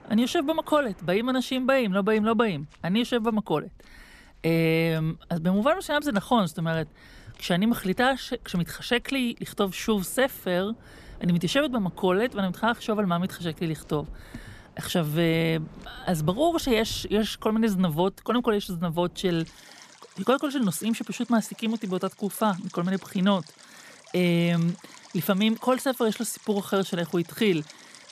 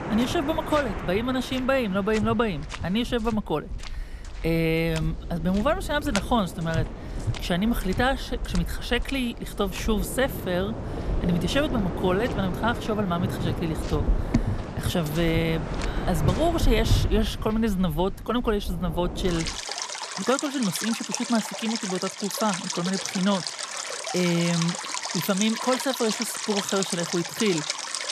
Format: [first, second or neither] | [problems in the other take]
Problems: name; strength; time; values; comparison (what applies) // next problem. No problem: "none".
first | rain or running water; loud; throughout; 5 dB below the speech; faint in the first